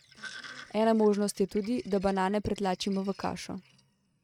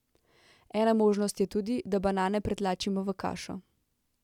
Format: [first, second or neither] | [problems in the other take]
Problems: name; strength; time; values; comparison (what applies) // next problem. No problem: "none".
second | noise reduction (neural mask model RNNoise)